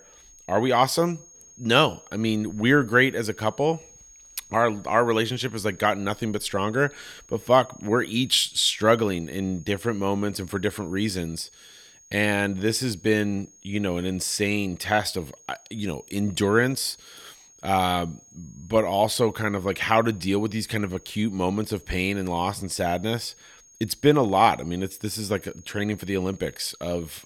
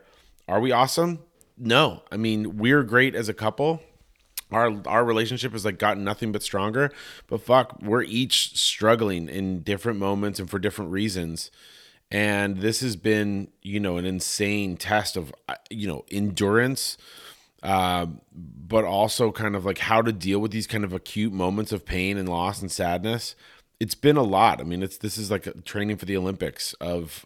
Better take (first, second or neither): second